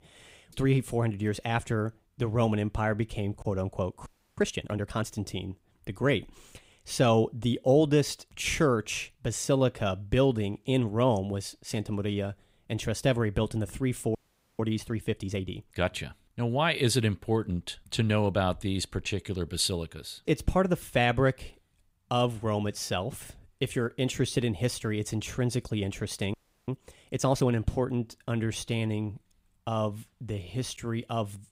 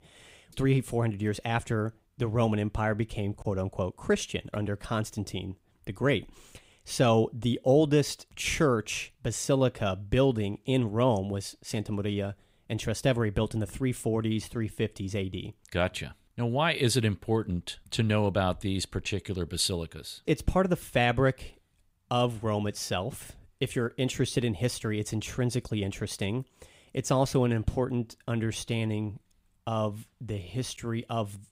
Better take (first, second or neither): second